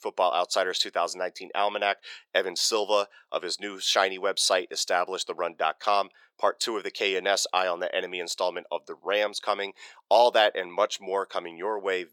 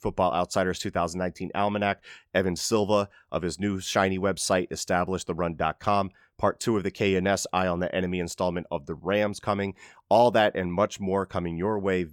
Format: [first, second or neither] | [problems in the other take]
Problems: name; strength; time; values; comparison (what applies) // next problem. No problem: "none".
second | thin; very; fading below 450 Hz